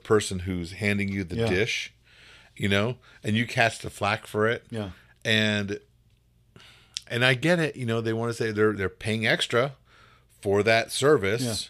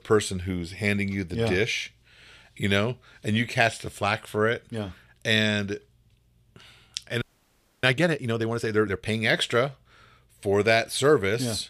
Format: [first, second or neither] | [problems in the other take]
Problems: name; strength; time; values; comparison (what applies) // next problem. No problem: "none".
first | audio freezing; at 7 s for 0.5 s